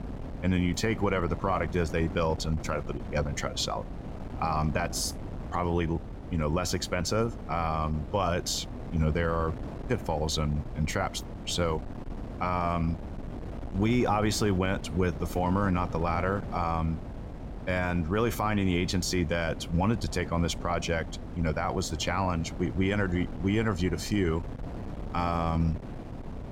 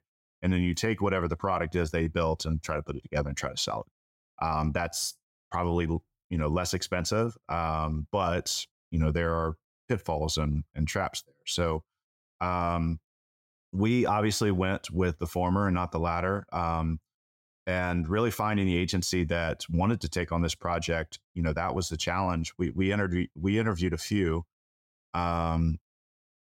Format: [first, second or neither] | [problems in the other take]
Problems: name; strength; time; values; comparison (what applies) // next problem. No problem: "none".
second | wind noise on the microphone; occasional gusts; 15 dB below the speech